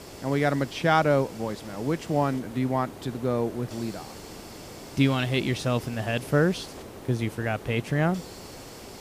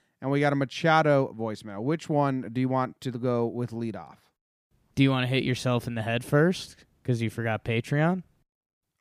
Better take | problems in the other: second | hiss; noticeable; throughout; 15 dB below the speech

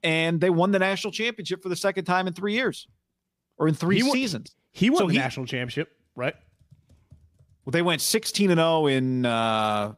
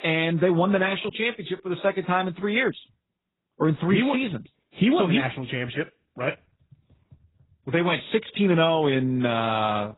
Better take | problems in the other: first | garbled, watery; badly; nothing above 4 kHz

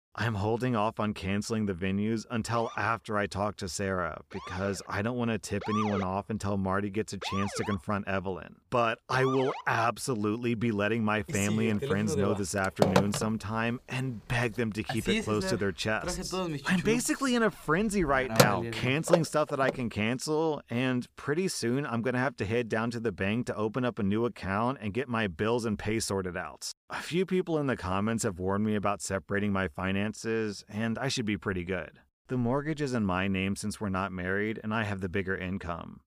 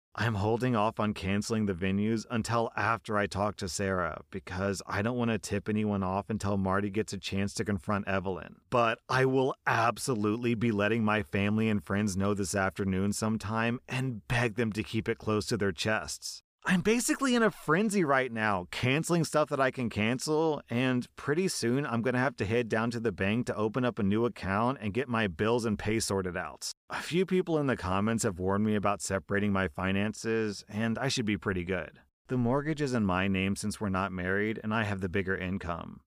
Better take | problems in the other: second | siren; noticeable; from 2.5 to 9.5 s; peak 3 dB below the speech // phone ringing; loud; from 12 to 20 s; peak 6 dB above the speech

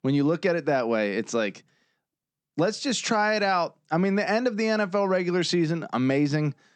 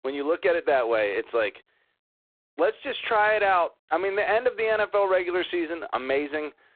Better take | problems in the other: first | phone-call audio; poor line; nothing above 4 kHz

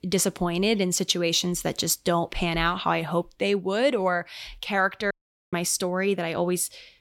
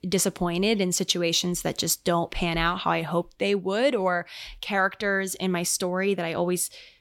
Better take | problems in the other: second | audio cutting out; at 5 s

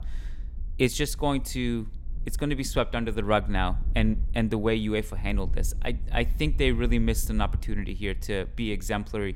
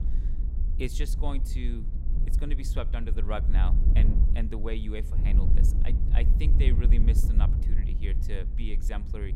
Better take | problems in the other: first | wind noise on the microphone; heavy; 6 dB below the speech; occasional gusts in the first

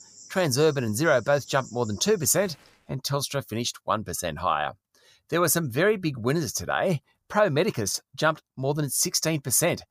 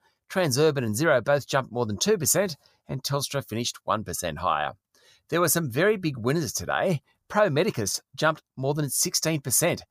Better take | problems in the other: second | animal sounds; faint; until 2.5 s; 20 dB below the speech

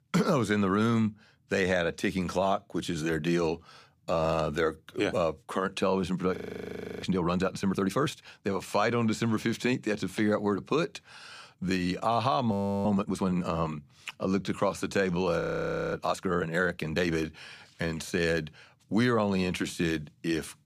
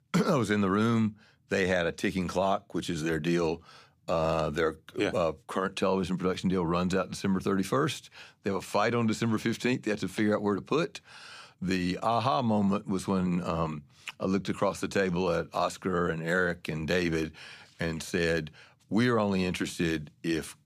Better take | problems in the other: second | audio freezing; at 6.5 s for 0.5 s, at 13 s and at 15 s for 0.5 s

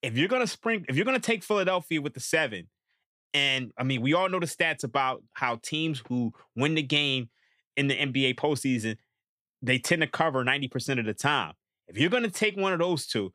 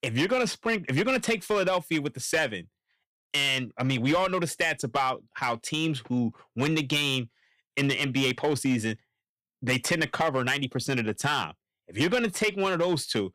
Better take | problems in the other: first | distortion; slight; 5% of the sound clipped

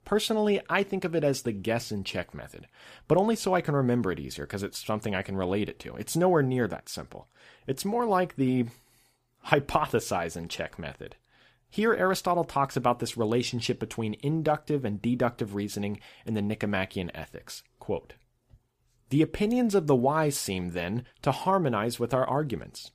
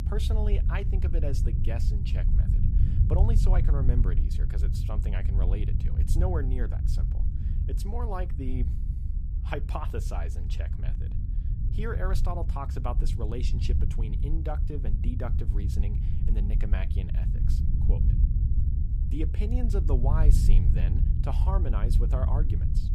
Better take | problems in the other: first | low rumble; loud; throughout; 5 dB below the speech

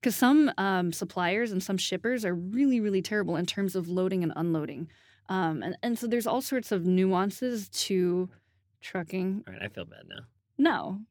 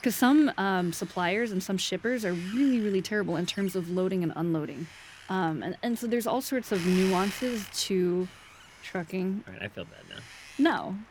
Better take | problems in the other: first | wind noise on the microphone; occasional gusts; 15 dB below the speech

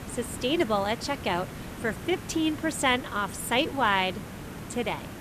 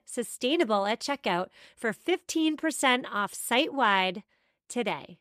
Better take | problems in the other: second | hiss; noticeable; throughout; 10 dB below the speech

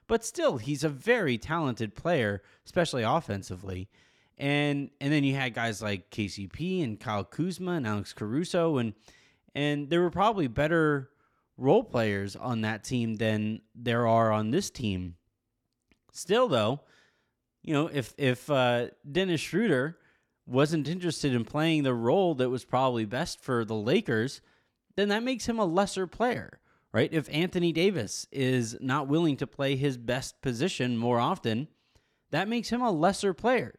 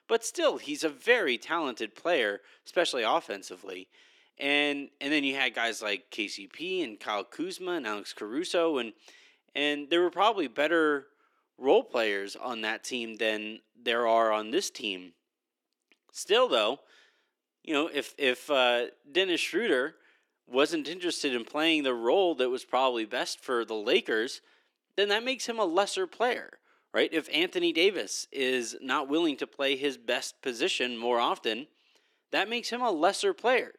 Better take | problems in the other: first | thin; somewhat; fading below 350 Hz

